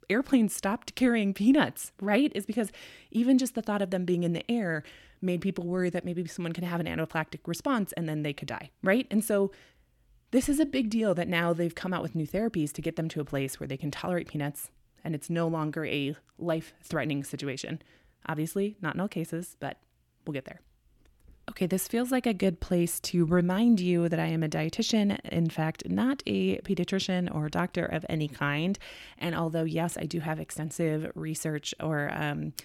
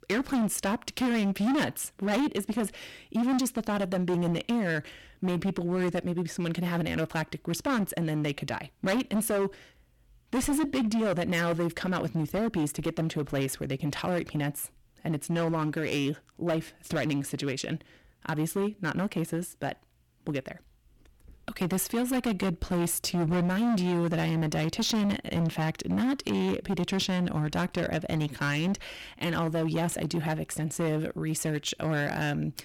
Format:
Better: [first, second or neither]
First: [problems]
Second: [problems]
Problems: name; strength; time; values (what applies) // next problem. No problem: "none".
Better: first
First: none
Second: distortion; heavy; 15% of the sound clipped